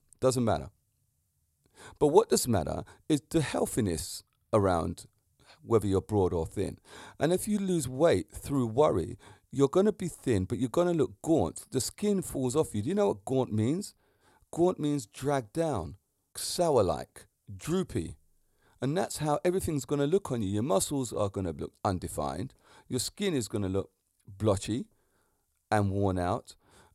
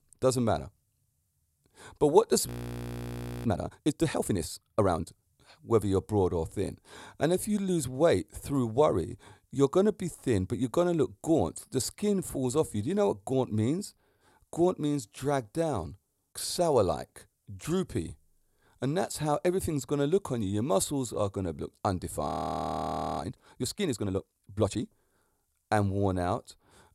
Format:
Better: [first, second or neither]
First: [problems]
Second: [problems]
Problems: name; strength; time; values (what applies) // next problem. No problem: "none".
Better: first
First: none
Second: audio freezing; at 2.5 s for 1 s and at 22 s for 1 s